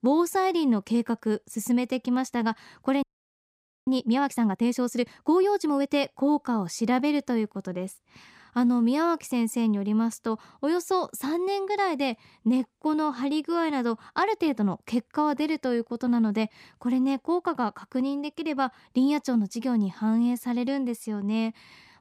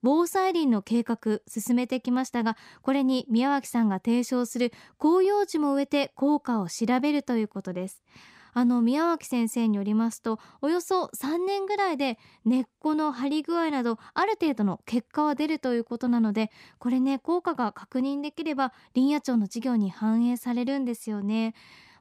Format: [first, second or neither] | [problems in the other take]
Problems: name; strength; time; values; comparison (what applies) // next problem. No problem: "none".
second | audio freezing; at 3 s for 1 s